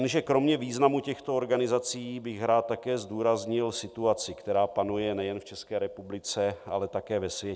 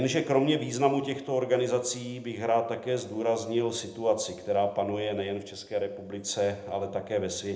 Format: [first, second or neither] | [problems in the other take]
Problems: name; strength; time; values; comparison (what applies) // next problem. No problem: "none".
first | room echo; dies away in 0.7 s